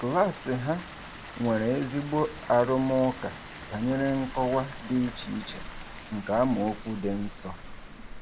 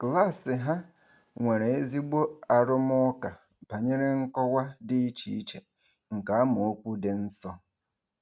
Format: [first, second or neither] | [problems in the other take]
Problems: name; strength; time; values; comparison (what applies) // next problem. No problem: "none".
second | background sound (Water); 12 dB below the speech